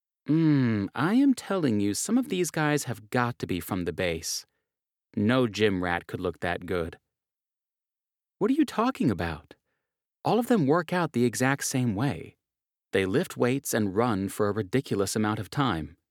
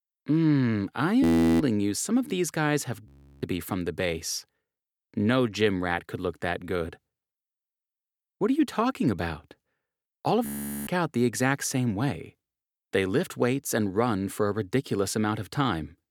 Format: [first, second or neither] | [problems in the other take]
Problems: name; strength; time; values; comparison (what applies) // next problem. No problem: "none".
first | audio freezing; at 1 s, at 3 s and at 10 s